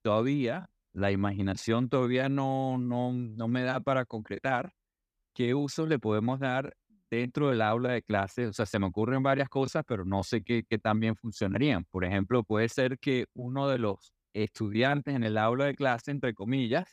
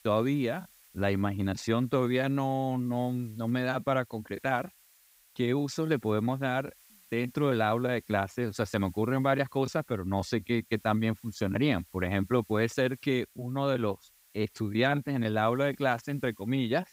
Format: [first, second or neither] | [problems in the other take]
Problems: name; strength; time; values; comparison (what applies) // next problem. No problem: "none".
first | hiss; faint; throughout; 25 dB below the speech